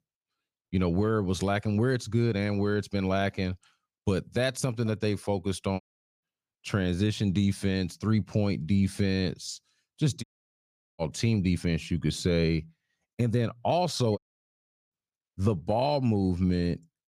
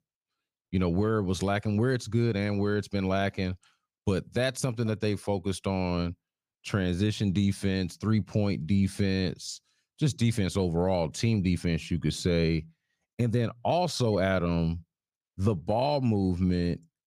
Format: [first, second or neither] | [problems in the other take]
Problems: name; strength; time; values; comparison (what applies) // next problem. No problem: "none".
second | audio cutting out; at 6 s, at 10 s for 0.5 s and at 14 s for 0.5 s